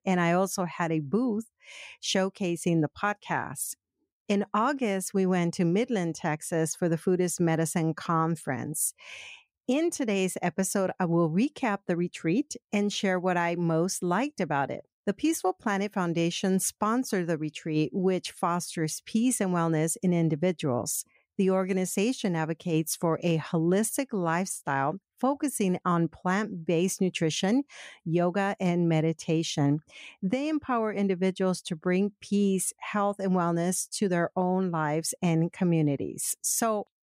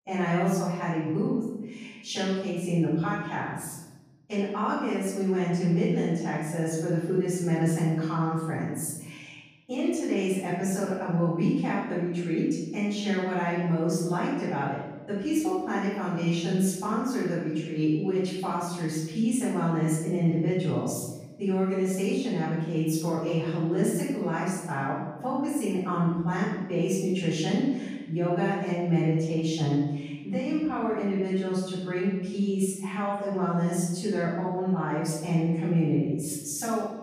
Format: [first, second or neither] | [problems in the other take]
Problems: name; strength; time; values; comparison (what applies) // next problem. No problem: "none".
first | room echo; strong; dies away in 1.1 s // off-mic speech; far